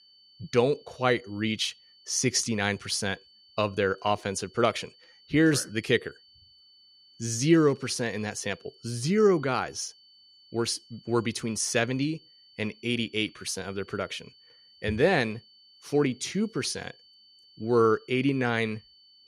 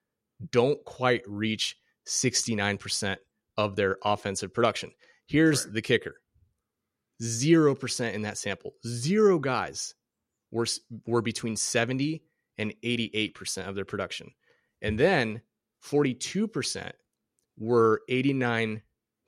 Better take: second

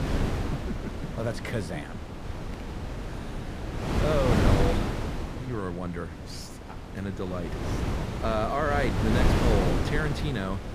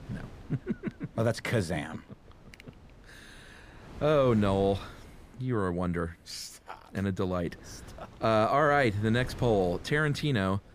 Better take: second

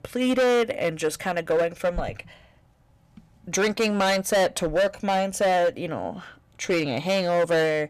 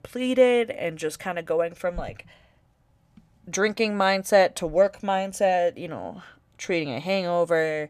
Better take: second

